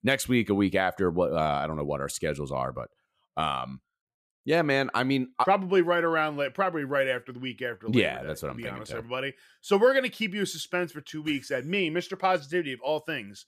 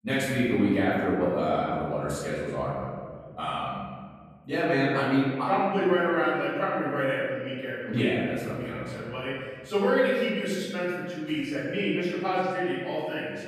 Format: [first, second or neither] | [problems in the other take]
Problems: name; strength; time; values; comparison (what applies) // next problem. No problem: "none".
first | room echo; strong; dies away in 1.9 s // off-mic speech; far